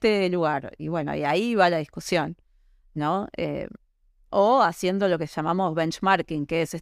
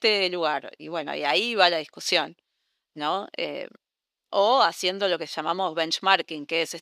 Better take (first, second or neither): first